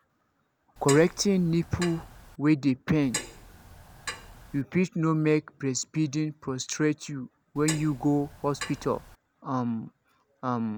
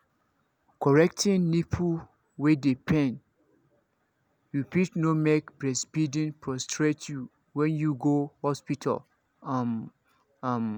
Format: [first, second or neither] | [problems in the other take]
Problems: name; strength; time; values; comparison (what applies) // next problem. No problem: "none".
second | background sound (Clock); 12 dB below the speech